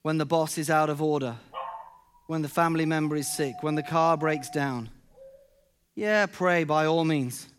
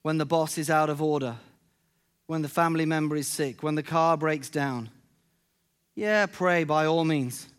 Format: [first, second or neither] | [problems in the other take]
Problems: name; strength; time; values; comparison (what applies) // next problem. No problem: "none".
second | dog barking; faint; from 1.5 to 5.5 s; peak 10 dB below the speech